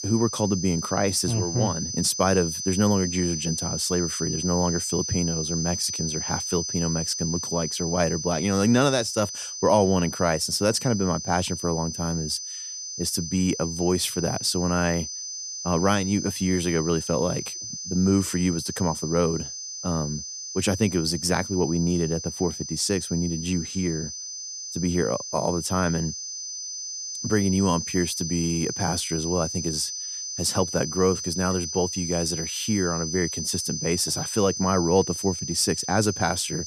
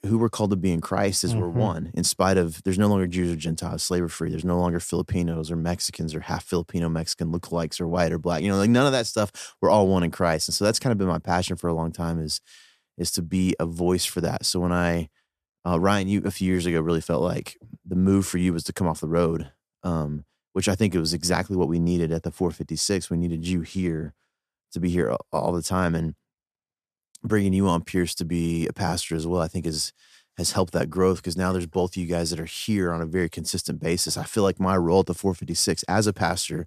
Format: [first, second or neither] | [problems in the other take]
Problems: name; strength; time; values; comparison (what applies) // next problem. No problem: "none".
second | high-pitched whine; loud; throughout; 6 kHz, 5 dB below the speech